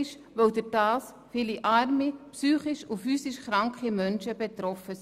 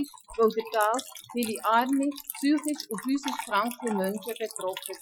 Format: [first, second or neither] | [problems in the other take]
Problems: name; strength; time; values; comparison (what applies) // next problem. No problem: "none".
first | noise reduction (classical method Wiener filter)